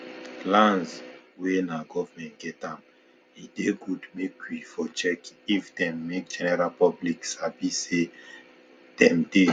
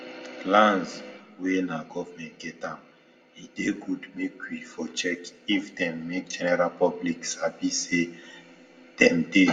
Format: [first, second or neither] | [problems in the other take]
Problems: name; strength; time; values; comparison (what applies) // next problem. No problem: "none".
first | room echo; dies away in 0.7 s